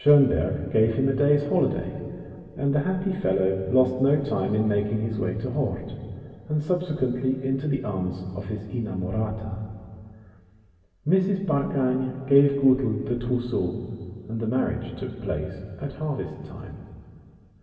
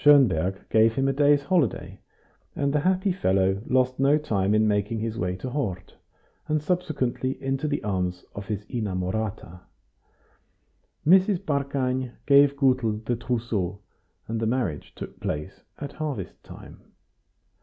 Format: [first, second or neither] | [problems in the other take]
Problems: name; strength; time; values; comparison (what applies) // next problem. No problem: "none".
second | room echo; dies away in 2.6 s